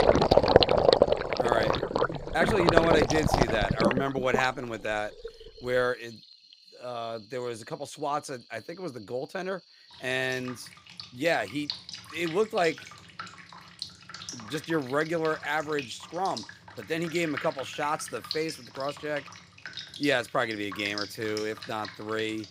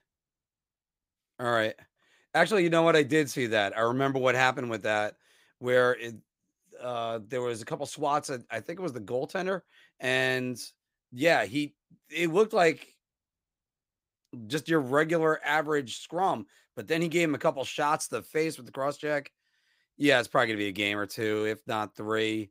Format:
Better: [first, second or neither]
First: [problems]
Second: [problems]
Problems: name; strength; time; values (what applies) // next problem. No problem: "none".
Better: second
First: rain or running water; very loud; throughout; 2 dB above the speech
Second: none